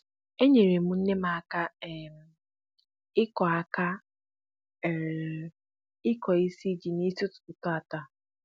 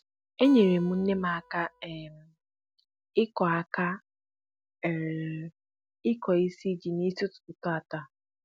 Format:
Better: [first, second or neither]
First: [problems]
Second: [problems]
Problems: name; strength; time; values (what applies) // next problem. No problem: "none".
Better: first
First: none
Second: background sound (Acoustic guitar); 19 dB below the speech